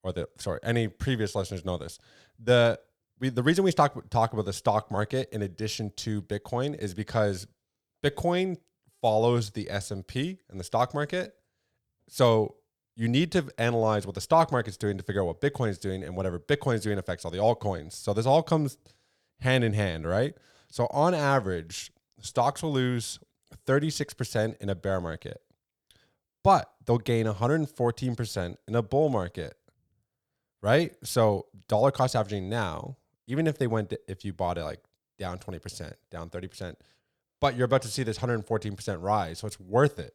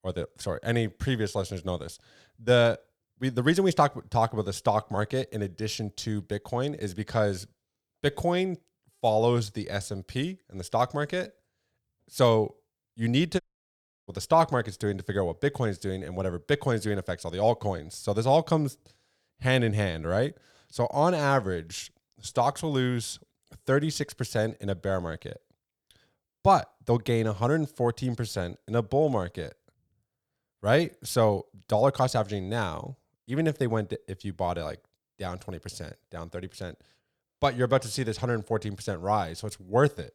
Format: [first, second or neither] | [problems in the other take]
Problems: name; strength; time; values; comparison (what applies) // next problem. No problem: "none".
first | audio cutting out; at 13 s for 0.5 s